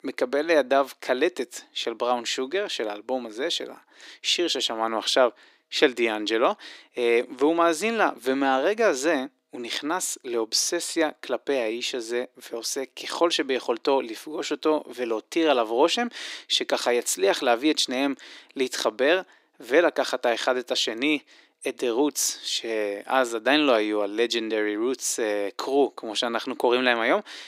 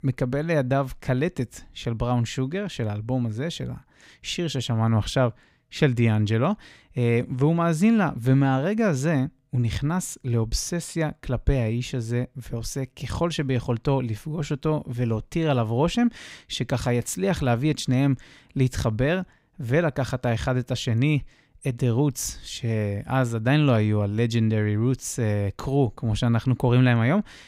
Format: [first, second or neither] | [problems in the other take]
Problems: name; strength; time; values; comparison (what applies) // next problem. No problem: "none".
second | thin; very; fading below 300 Hz